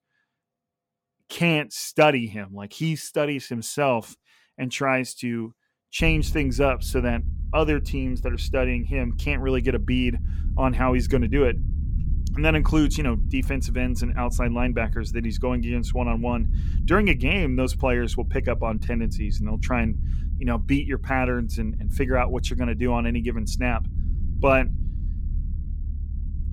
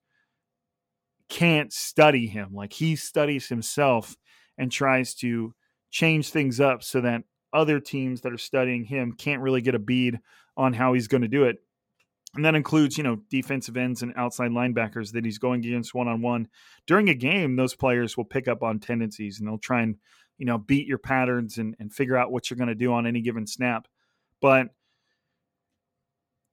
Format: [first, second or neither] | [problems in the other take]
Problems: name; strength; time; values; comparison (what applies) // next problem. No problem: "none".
second | low rumble; faint; from 6 s on; 20 dB below the speech